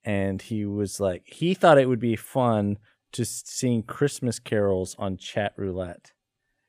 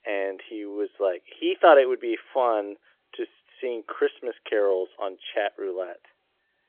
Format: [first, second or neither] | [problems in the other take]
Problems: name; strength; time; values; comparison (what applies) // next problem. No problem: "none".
first | phone-call audio; nothing above 3.5 kHz